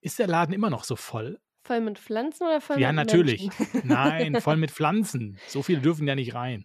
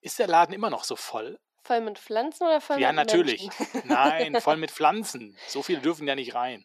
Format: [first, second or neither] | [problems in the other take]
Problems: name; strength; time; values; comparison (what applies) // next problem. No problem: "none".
first | thin; somewhat; fading below 300 Hz